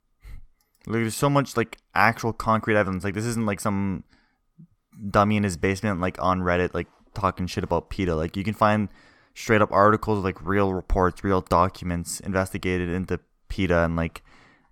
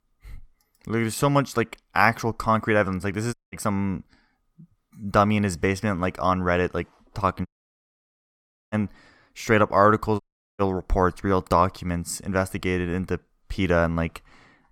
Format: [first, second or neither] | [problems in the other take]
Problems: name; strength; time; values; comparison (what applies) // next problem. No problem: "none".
first | audio cutting out; at 3.5 s, at 7.5 s for 1.5 s and at 10 s